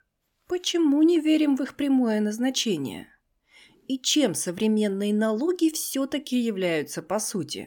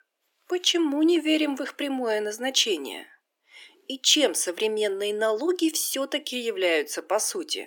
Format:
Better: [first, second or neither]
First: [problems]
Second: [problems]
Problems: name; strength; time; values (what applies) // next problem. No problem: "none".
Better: first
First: none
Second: thin; somewhat; fading below 350 Hz